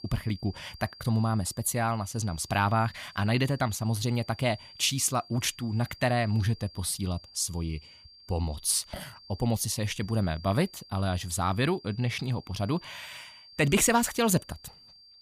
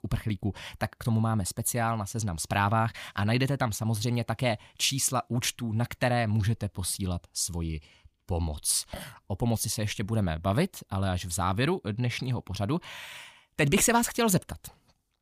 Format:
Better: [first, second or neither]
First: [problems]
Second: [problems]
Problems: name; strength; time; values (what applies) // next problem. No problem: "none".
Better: second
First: high-pitched whine; faint; throughout; 4.5 kHz, 20 dB below the speech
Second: none